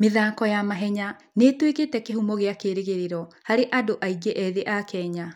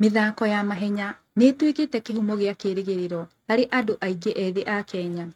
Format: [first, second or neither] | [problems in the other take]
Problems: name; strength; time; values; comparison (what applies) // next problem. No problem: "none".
first | noise reduction (neural mask model RNNoise)